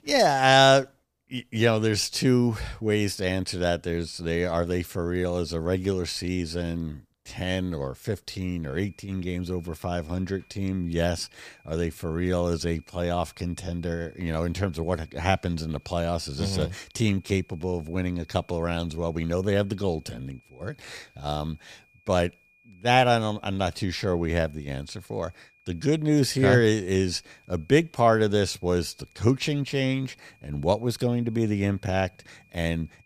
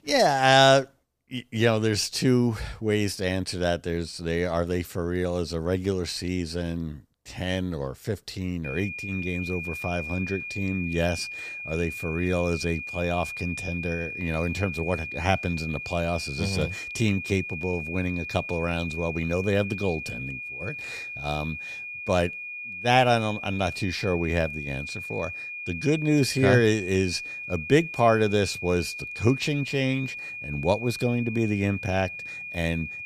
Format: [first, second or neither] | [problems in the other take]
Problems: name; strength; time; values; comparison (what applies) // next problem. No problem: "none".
first | high-pitched whine; loud; from 8.5 s on; 2.5 kHz, 7 dB below the speech; faint in the first